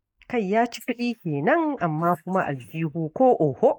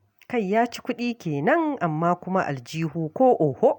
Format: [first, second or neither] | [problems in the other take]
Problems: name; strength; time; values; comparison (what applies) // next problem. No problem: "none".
second | noise reduction (neural mask model Resemble Enhance denoiser)